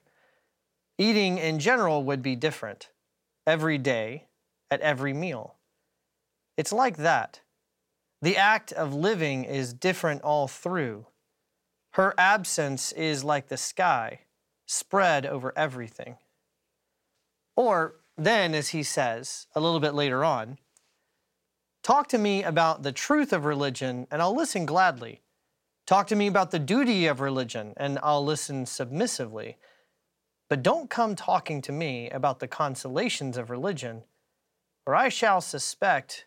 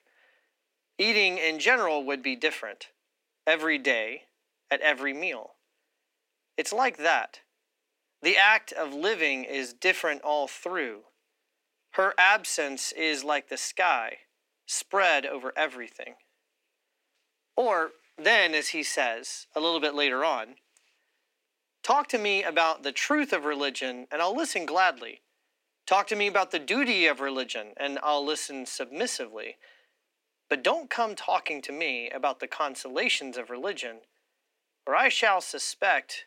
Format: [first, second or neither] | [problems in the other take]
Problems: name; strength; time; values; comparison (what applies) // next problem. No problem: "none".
first | thin; somewhat; fading below 250 Hz